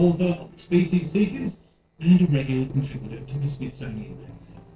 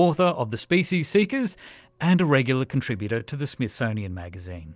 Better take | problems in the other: second | noise reduction (neural separator model SepFormer DNS4)

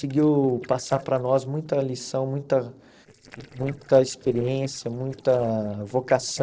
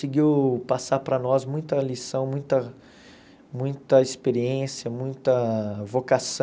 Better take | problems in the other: second | noise reduction (neural separator model SepFormer DNS4)

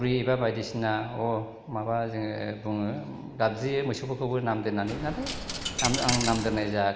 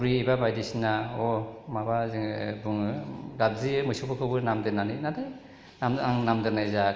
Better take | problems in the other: second | background sound (Coin (dropping)); 4 dB below the speech

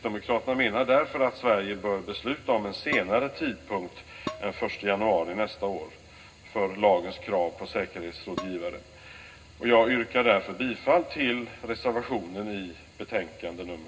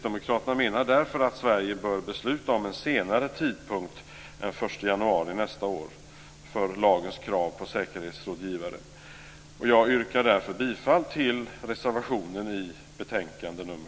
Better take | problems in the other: second | background sound (Dishes, pots, and pans); 14 dB below the speech // room echo; dies away in 0.2 s

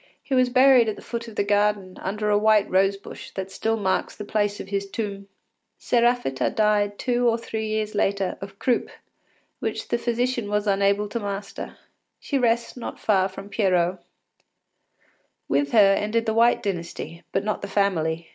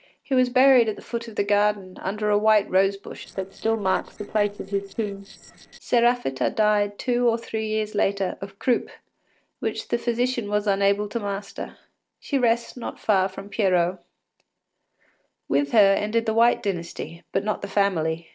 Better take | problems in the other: first | noise reduction (neural separator model SepFormer DNS4)

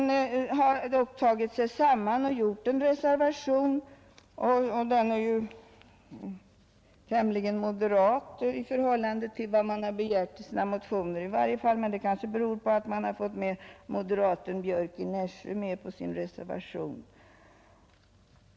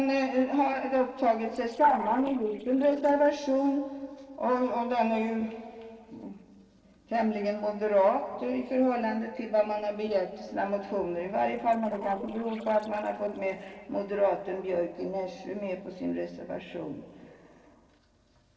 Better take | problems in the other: first | noise reduction (neural separator model SepFormer DNS4)

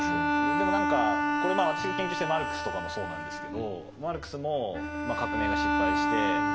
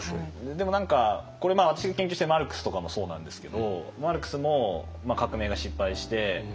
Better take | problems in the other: second | background sound (Bowed string instrument); 4 dB above the speech

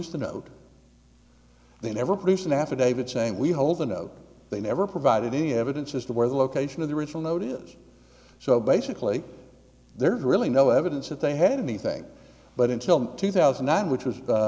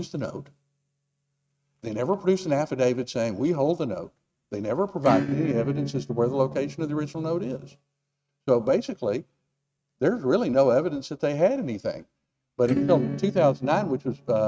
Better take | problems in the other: first | noise reduction (neural mask model RNNoise)

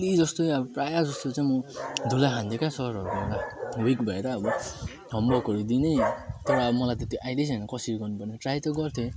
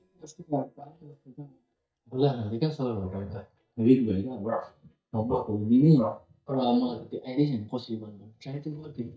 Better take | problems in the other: first | noise reduction (neural mask model DeepFilterNet 3)

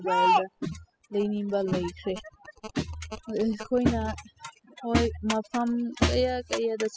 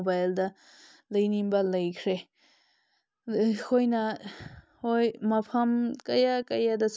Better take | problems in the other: second | noise reduction (classical method spectral subtraction)

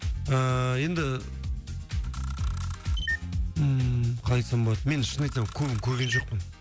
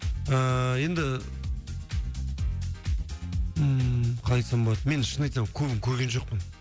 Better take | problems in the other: second | background sound (Camera); 11 dB below the speech

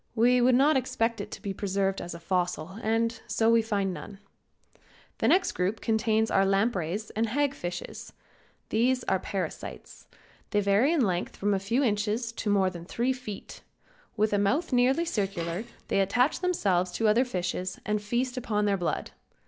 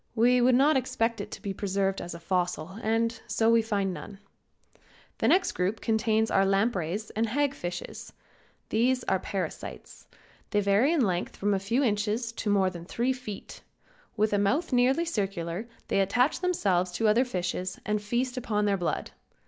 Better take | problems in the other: second | background sound (Dishes, pots, and pans); 20 dB below the speech

